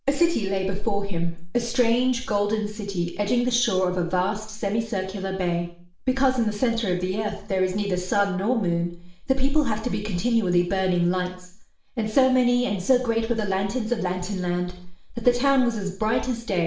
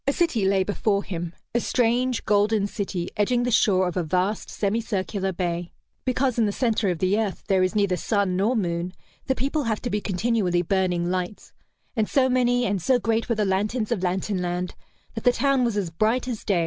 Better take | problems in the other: second | room echo; dies away in 0.5 s

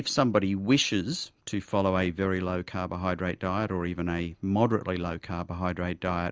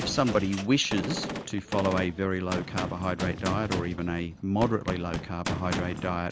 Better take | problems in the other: first | background sound (Gunshot, gunfire); 6 dB below the speech

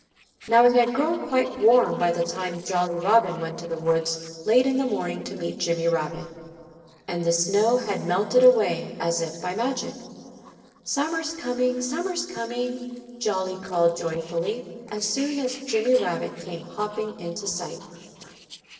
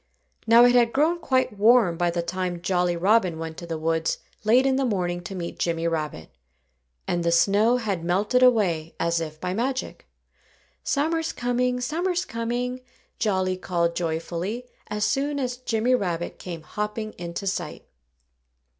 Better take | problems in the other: second | noise reduction (neural separator model SepFormer DNS4)

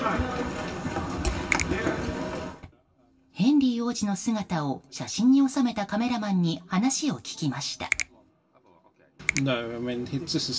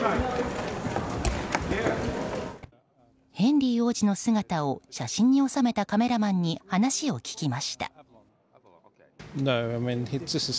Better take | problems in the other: second | background sound (Finger snapping); 8 dB below the speech // room echo; dies away in 0.2 s

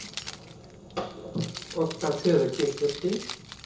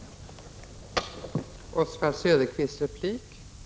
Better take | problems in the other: second | background sound (Keys jangling); 12 dB below the speech // room echo; dies away in 0.6 s

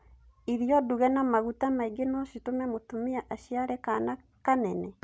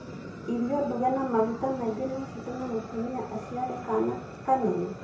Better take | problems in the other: first | background sound (Fire); 11 dB below the speech // room echo; dies away in 0.5 s

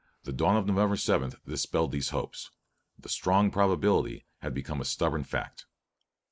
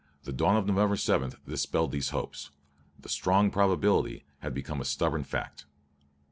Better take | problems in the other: second | noise reduction (neural mask model Resemble Enhance denoiser)

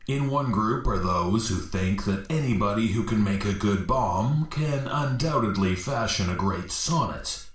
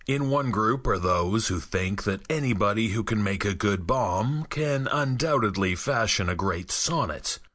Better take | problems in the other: second | room echo; dies away in 0.4 s

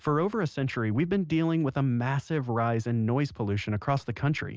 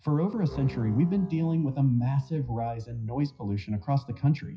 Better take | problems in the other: first | noise reduction (classical method WPE with log-MMSE)

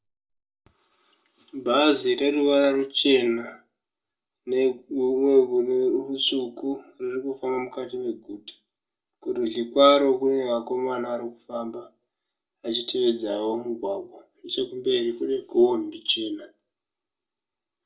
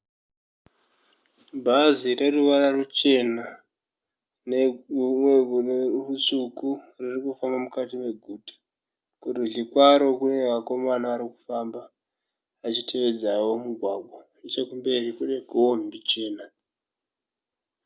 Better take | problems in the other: second | room echo; dies away in 0.2 s

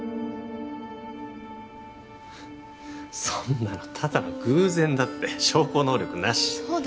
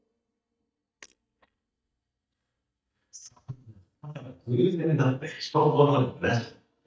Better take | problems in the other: first | noise reduction (neural mask model DeepFilterNet 3)

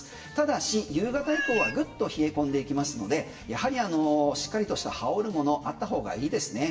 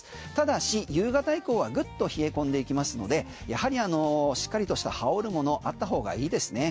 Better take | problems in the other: second | background sound (Meow); 5 dB below the speech // room echo; dies away in 0.7 s

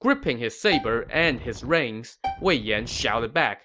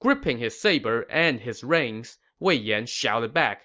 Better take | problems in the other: second | background sound (Bowed string instrument + Wind); 11 dB below the speech

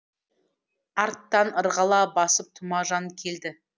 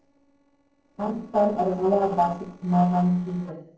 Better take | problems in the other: first | noise reduction (neural separator model SepFormer DNS4)

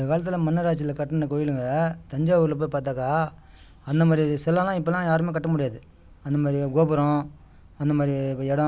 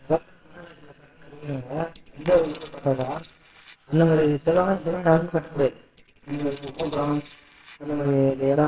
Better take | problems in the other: first | noise reduction (neural separator model SepFormer WHAMR!)

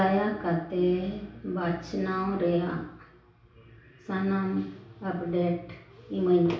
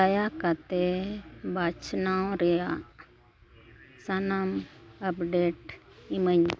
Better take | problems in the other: second | room echo; dies away in 0.6 s

